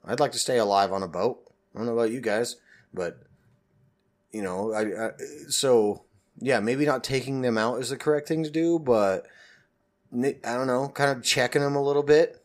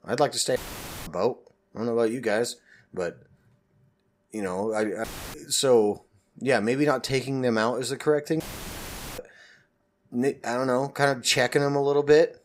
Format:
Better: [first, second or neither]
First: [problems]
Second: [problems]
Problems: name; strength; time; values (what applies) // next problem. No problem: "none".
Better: first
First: none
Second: audio cutting out; filled with static; at 0.5 s for 0.5 s, at 5 s and at 8.5 s for 1 s